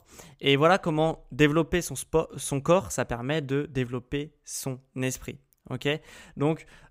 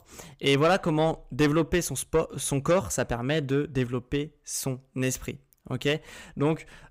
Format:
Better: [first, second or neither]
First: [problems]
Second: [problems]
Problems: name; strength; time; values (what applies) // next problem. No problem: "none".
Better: first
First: none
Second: distortion; slight; 10 dB below the speech